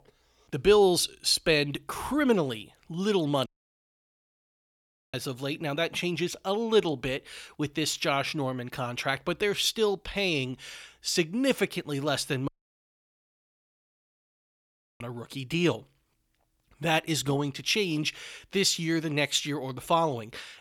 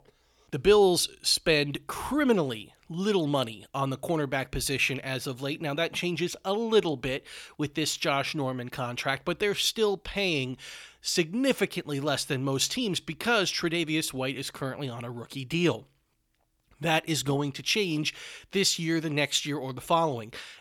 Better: second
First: audio cutting out; at 3.5 s for 1.5 s and at 12 s for 2.5 s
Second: none

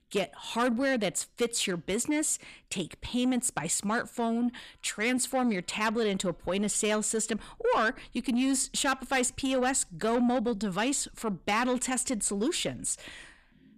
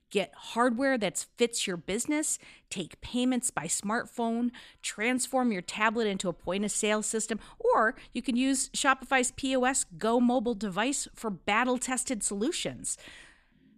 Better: second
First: distortion; slight; 10 dB below the speech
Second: none

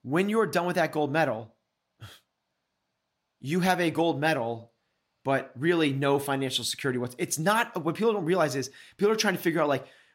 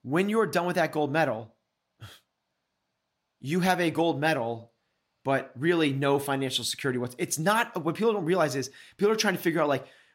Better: neither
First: none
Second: none

